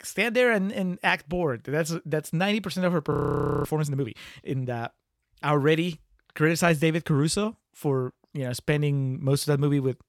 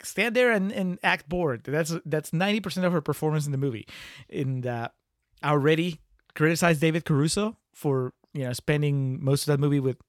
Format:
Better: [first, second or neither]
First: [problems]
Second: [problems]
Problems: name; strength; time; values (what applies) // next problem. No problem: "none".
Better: second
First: audio freezing; at 3 s for 0.5 s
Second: none